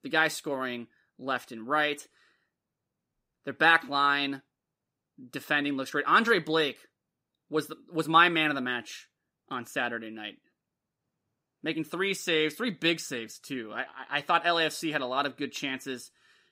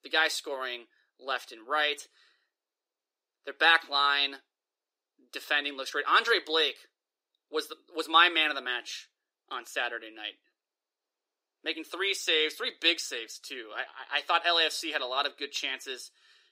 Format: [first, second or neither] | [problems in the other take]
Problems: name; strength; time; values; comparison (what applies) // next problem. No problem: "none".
first | thin; very; fading below 350 Hz